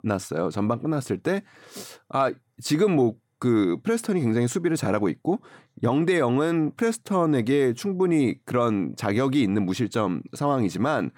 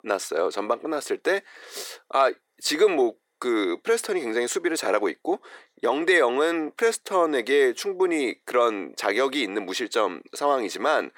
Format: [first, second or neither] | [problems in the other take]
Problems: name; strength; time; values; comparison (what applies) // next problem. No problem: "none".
first | thin; very; fading below 400 Hz